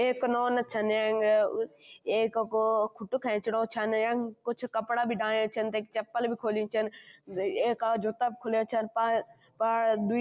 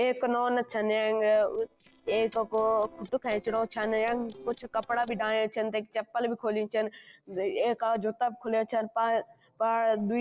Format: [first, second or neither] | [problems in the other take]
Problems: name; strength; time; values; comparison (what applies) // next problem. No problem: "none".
first | noise reduction (neural separator model SepFormer DNS4)